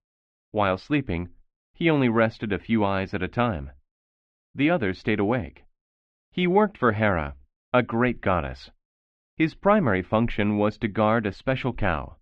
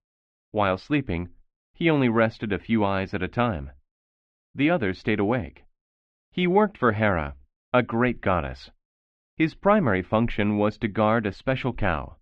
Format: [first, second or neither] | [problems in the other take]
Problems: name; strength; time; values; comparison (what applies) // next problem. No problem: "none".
neither | muffled; very; fading above 3 kHz; the same in both